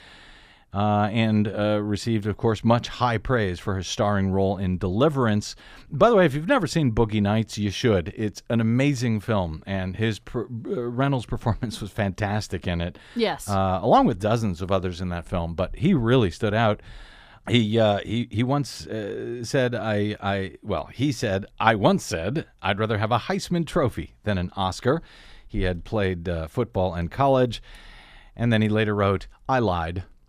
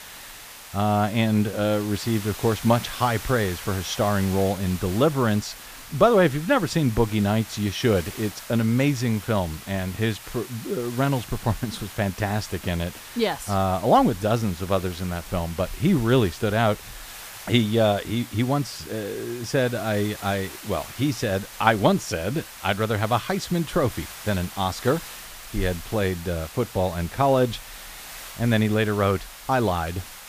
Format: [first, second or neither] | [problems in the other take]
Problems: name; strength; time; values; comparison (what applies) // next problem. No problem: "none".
first | hiss; noticeable; throughout; 15 dB below the speech